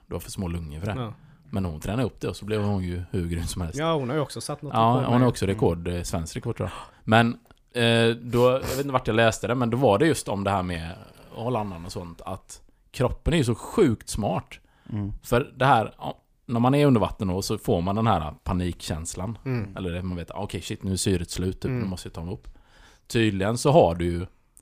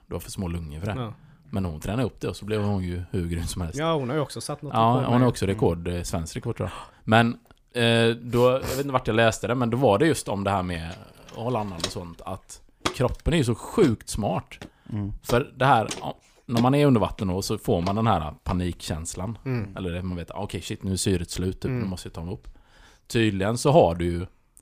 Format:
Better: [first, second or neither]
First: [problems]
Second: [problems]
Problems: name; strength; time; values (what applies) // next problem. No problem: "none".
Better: first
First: none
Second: footsteps; noticeable; from 12 to 19 s; peak 6 dB below the speech